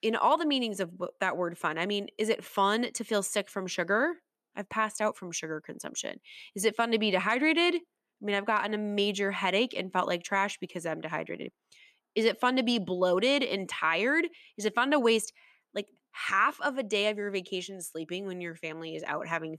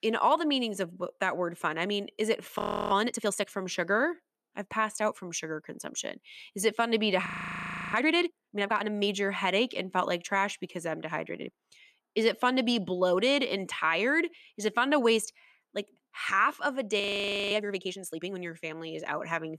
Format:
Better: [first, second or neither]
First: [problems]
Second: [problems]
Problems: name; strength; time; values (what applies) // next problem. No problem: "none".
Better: first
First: none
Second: audio freezing; at 2.5 s, at 7.5 s for 0.5 s and at 17 s for 0.5 s